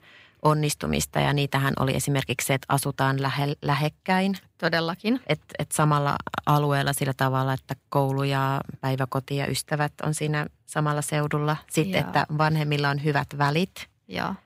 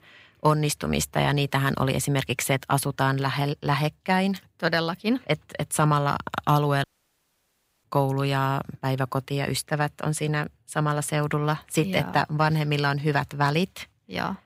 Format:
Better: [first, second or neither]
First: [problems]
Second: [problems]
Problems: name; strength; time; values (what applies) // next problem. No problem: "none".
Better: first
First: none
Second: audio cutting out; at 7 s for 1 s